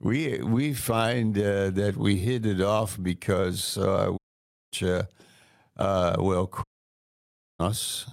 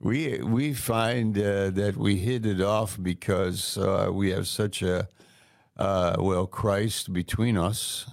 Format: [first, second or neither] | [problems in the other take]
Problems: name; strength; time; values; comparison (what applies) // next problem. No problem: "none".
second | audio cutting out; at 4 s for 0.5 s and at 6.5 s for 1 s